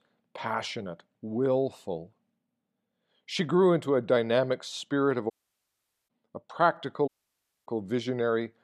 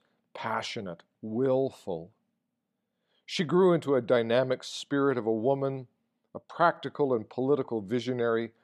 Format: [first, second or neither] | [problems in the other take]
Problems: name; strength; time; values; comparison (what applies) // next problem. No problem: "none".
second | audio cutting out; at 5.5 s for 1 s and at 7 s for 0.5 s